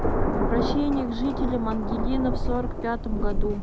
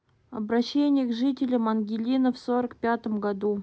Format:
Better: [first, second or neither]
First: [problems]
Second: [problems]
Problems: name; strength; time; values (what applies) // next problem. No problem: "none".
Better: second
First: background sound (Thunder); 3 dB above the speech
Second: none